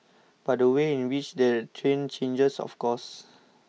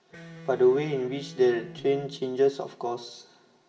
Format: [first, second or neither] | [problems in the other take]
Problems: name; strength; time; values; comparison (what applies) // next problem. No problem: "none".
first | background sound (Electric guitar); 18 dB below the speech // room echo; dies away in 1.4 s